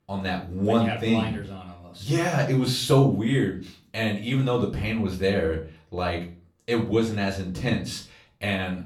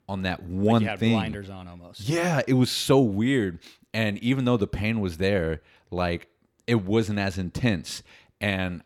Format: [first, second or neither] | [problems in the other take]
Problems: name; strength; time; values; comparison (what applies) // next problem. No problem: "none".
second | room echo; slight; dies away in 0.3 s // off-mic speech; far